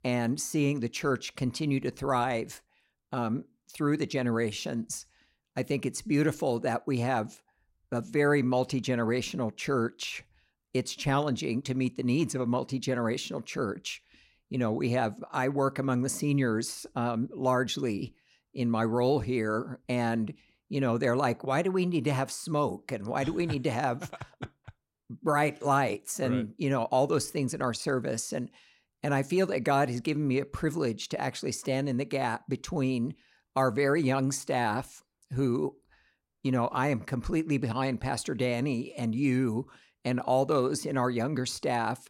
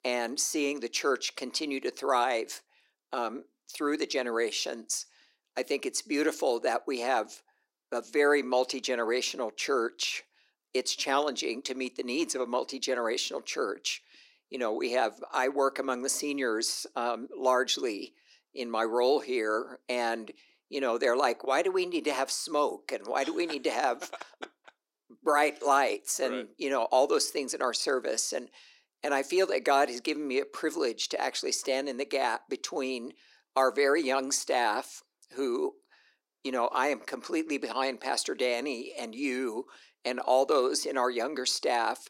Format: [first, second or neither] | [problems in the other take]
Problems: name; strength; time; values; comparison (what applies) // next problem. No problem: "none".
first | thin; somewhat; fading below 300 Hz